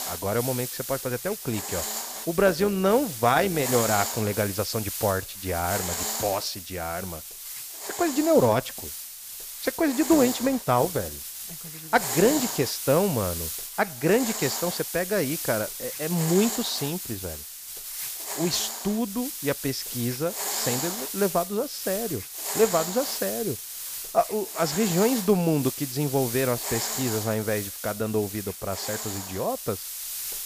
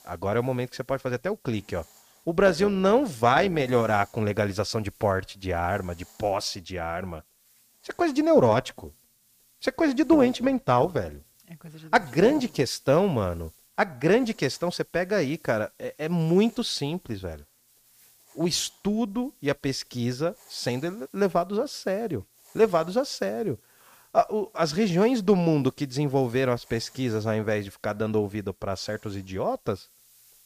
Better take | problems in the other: second | hiss; loud; throughout; 5 dB below the speech; faint in the second

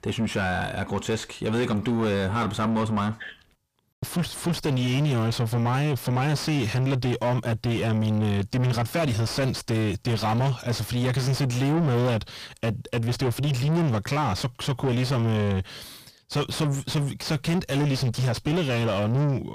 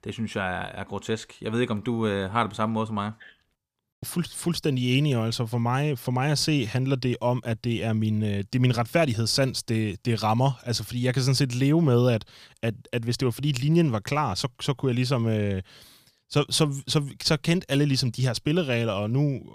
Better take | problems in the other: second | distortion; heavy; 6 dB below the speech

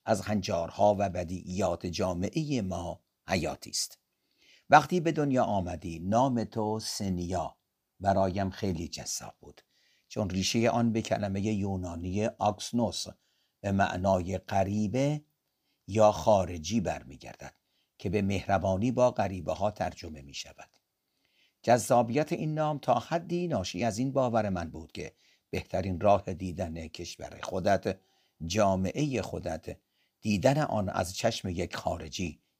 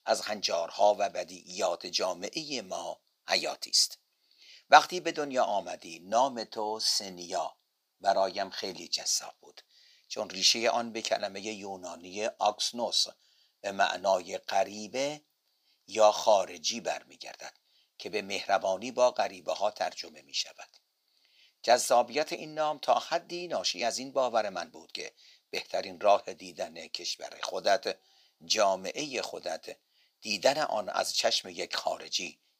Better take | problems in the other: first | thin; somewhat; fading below 550 Hz

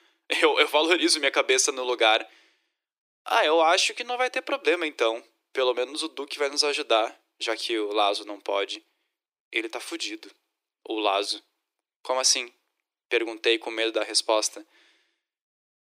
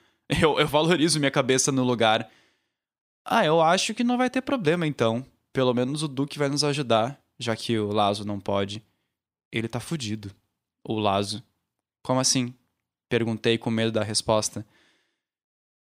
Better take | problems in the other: second | thin; very; fading below 300 Hz

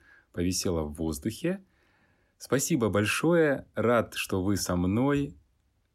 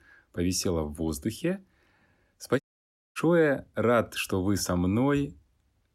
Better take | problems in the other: first | audio cutting out; at 2.5 s for 0.5 s

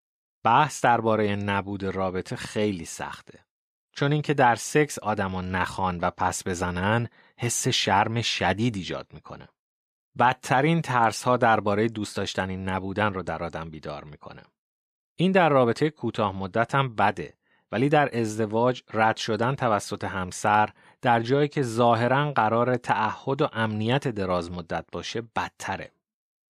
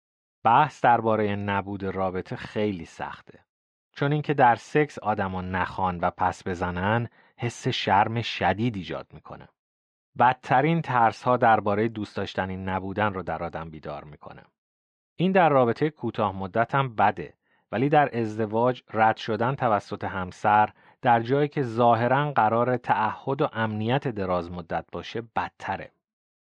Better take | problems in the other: first | muffled; slightly; fading above 3 kHz

